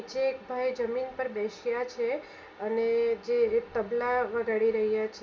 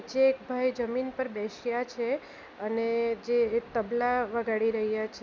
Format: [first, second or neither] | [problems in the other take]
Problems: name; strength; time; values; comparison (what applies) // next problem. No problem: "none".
second | room echo; dies away in 0.2 s